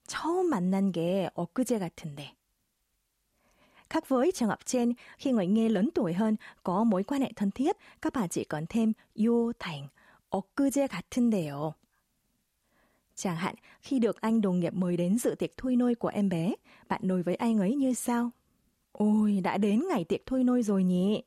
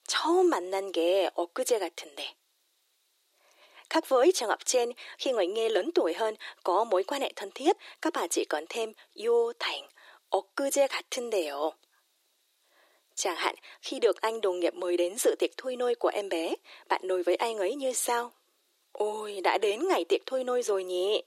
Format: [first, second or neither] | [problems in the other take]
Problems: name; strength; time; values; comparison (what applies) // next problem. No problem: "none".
first | thin; very; fading below 350 Hz